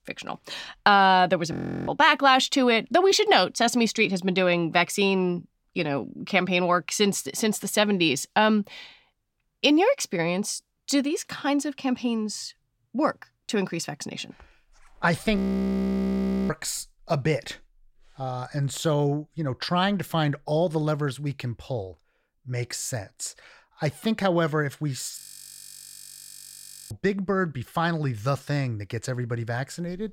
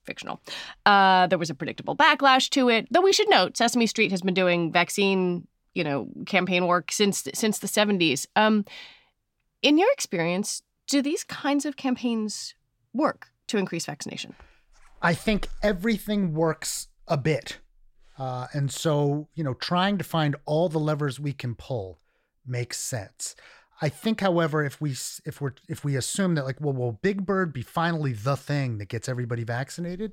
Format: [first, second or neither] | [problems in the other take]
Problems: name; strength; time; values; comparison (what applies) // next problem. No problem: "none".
second | audio freezing; at 1.5 s, at 15 s for 1 s and at 25 s for 1.5 s